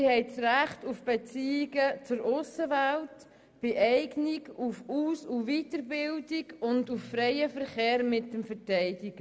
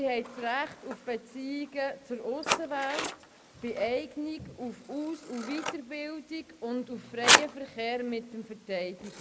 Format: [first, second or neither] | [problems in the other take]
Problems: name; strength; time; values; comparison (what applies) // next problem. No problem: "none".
first | background sound (Scissors); 1 dB above the speech